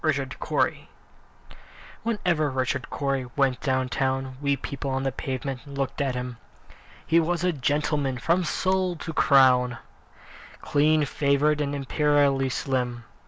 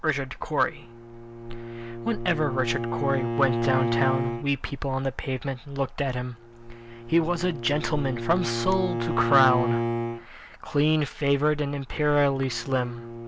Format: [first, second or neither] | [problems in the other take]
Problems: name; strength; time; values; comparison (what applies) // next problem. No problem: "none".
first | background sound (Bowed string instrument); 5 dB below the speech